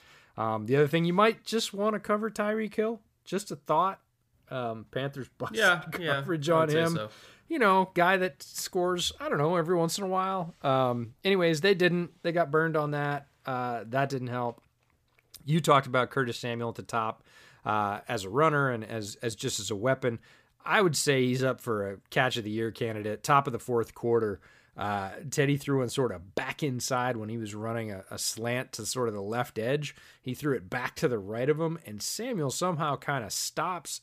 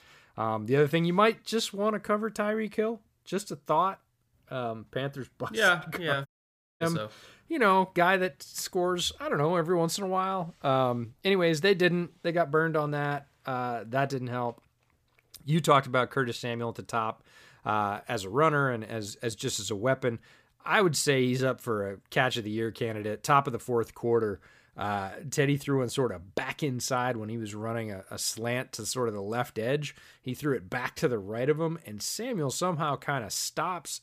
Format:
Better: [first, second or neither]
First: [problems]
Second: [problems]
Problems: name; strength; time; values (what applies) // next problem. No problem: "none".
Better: first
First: none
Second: audio cutting out; at 6.5 s for 0.5 s